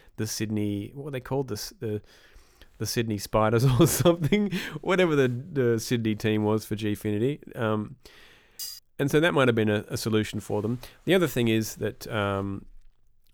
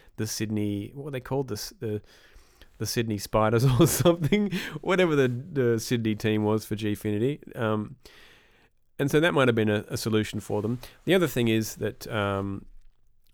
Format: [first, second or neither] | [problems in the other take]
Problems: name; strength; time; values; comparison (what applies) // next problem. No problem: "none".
second | clattering dishes; faint; at 8.5 s; peak 10 dB below the speech